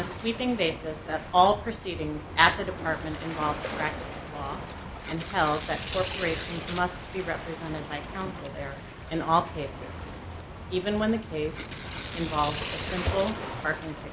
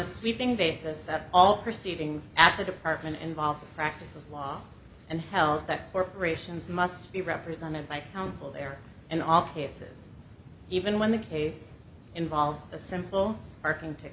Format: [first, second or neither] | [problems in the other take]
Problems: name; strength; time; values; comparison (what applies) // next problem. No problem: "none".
second | background sound (Waves, surf + Tearing); 8 dB below the speech